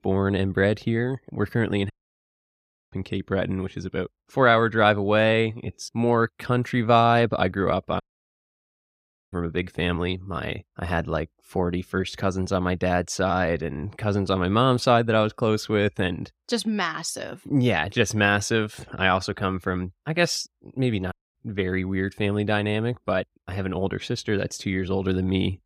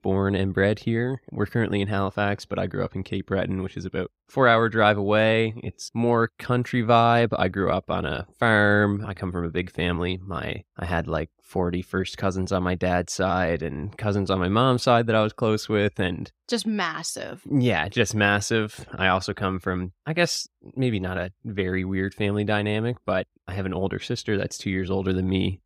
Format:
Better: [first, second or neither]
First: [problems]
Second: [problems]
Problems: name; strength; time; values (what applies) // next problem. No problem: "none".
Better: second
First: audio cutting out; at 2 s for 1 s, at 8 s for 1.5 s and at 21 s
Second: none